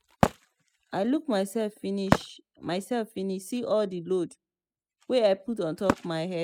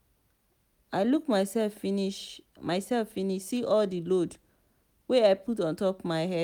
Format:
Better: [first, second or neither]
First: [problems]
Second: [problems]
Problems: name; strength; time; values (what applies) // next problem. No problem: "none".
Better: second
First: noise reduction (classical method spectral subtraction)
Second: none